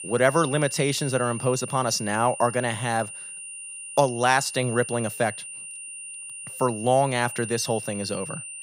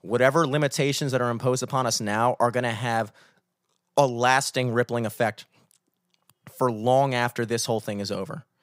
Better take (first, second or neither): second